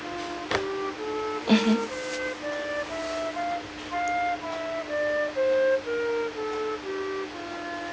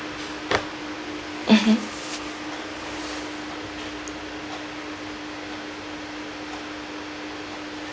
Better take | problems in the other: second | background sound (Wind instrument, woodwind instrument); 3 dB above the speech

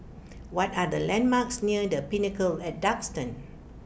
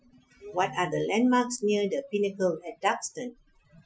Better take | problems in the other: first | noise reduction (classical method Wiener filter)

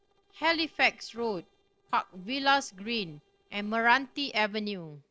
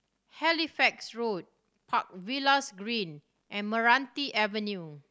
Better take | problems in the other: second | noise reduction (neural separator model SepFormer DNS4)

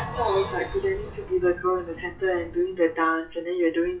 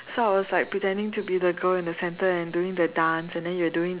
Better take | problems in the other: second | noise reduction (classical method WPE with log-MMSE)

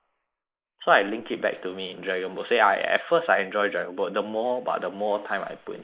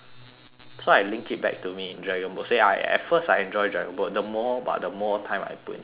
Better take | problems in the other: second | noise reduction (neural mask model Resemble Enhance denoiser)

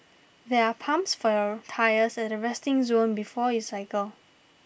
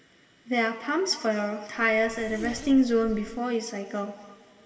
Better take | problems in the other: first | background sound (Zipper (clothing)); 14 dB below the speech // room echo; dies away in 2.2 s

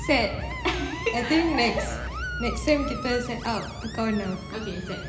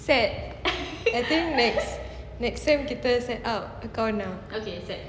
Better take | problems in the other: second | background sound (Screech); 12 dB below the speech // room echo; dies away in 0.4 s

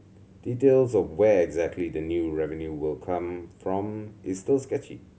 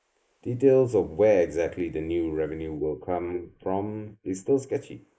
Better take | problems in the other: first | noise reduction (neural mask model Resemble Enhance denoiser)

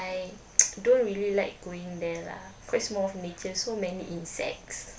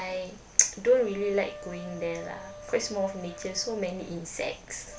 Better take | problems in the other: first | background sound (Wind instrument, woodwind instrument); 17 dB below the speech

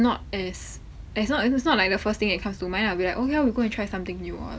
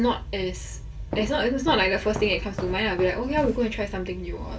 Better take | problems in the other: first | background sound (Walk, footsteps); 12 dB below the speech // room echo; dies away in 0.2 s

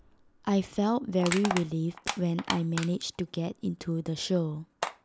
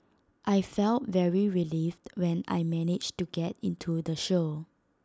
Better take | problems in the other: second | background sound (Crushing); 10 dB below the speech

